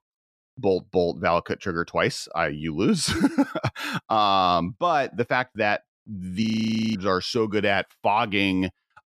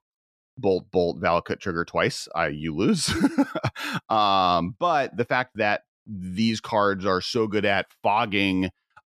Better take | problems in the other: second | audio freezing; at 6.5 s for 0.5 s

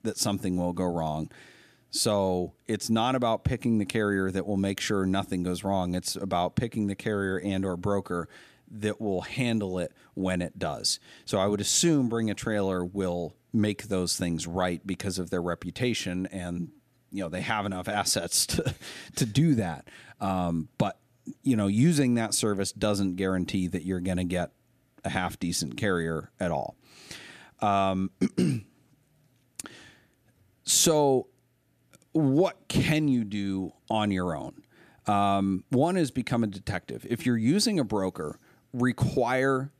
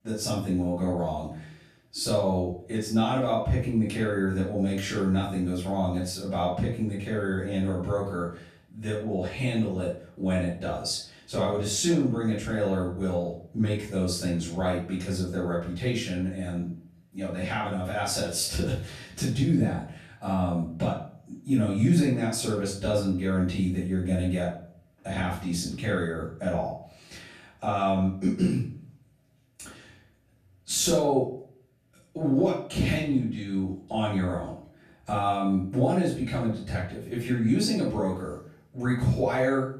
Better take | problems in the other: first | room echo; noticeable; dies away in 0.4 s // off-mic speech; far

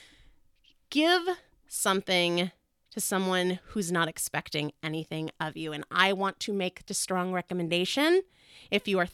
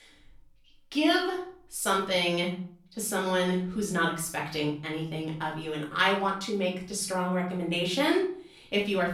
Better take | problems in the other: first | off-mic speech; far // room echo; slight; dies away in 0.5 s

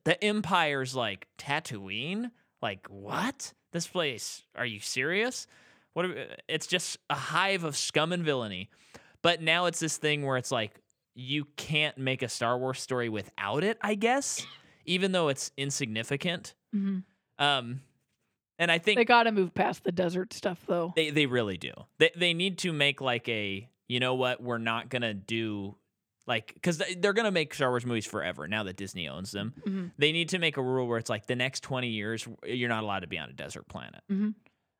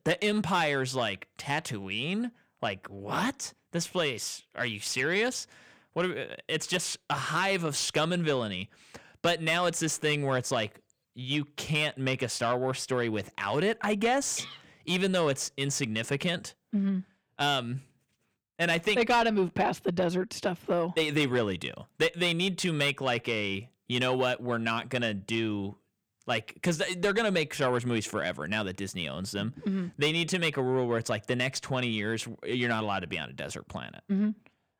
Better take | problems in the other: first | distortion; slight; 10 dB below the speech

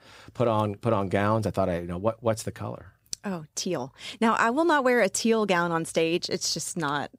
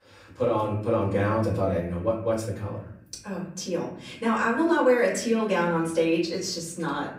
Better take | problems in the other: first | off-mic speech; far // room echo; slight; dies away in 0.7 s

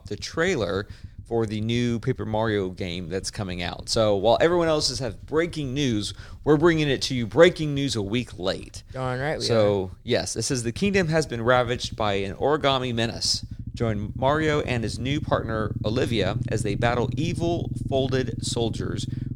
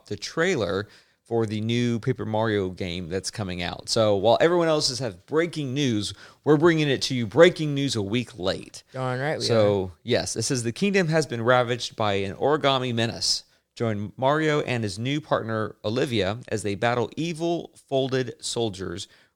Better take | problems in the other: second | low rumble; noticeable; throughout; 20 dB below the speech

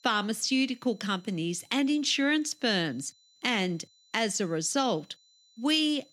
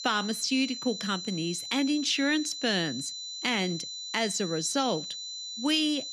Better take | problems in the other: first | high-pitched whine; loud; throughout; 4 kHz, 7 dB below the speech; faint in the first

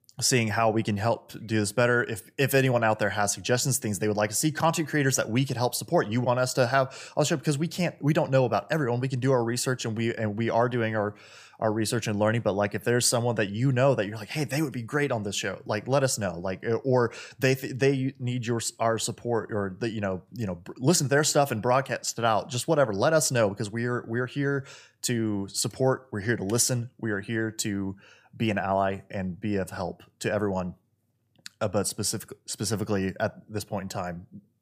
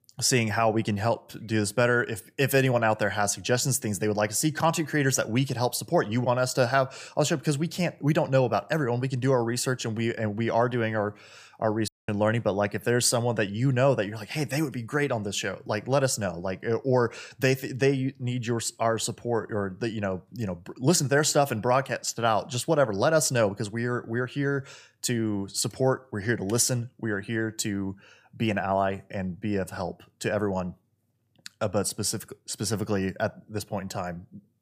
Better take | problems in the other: first | audio cutting out; at 12 s

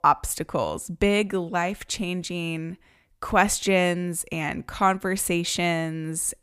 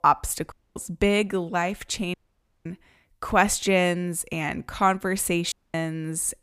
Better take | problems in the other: first | audio cutting out; at 0.5 s, at 2 s for 0.5 s and at 5.5 s

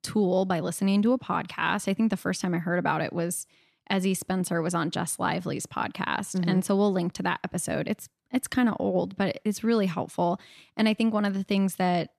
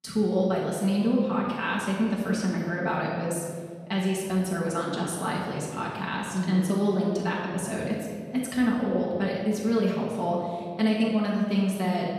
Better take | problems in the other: first | off-mic speech; far // room echo; noticeable; dies away in 1.8 s

